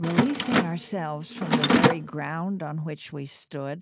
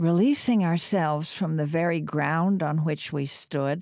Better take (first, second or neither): second